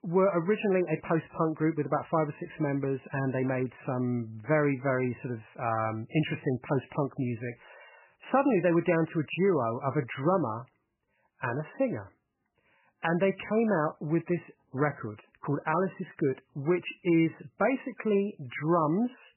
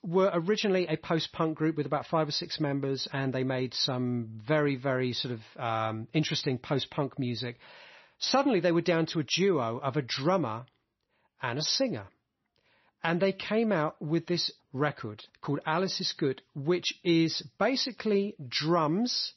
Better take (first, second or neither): second